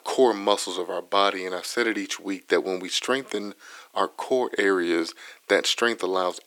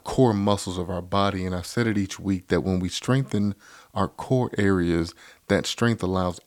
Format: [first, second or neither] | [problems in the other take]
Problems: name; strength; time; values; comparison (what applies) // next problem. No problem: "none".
second | thin; somewhat; fading below 350 Hz